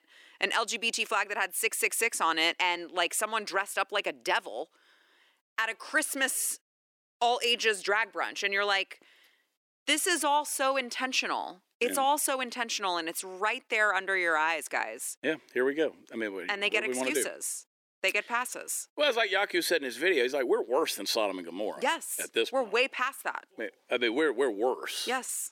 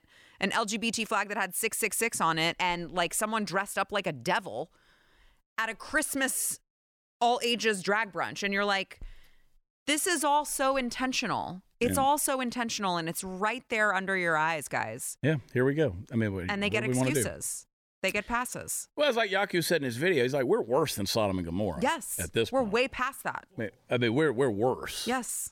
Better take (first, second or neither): second